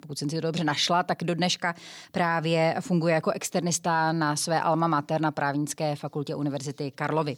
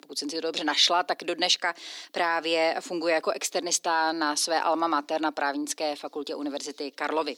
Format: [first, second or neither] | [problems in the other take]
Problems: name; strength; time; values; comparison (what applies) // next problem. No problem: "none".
first | thin; somewhat; fading below 250 Hz